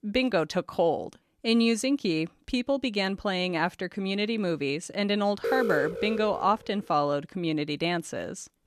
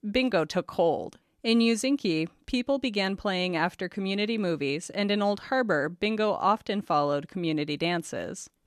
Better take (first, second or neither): second